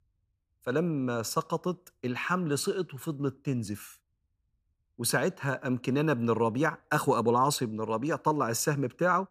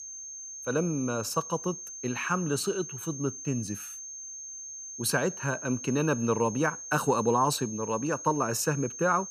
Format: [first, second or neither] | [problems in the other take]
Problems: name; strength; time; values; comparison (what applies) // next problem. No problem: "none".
first | high-pitched whine; loud; throughout; 6.5 kHz, 9 dB below the speech